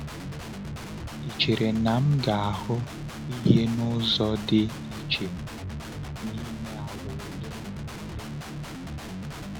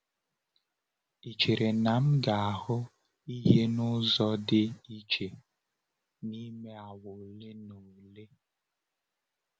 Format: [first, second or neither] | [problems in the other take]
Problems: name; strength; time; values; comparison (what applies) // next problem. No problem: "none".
second | background sound (Guitar); 7 dB below the speech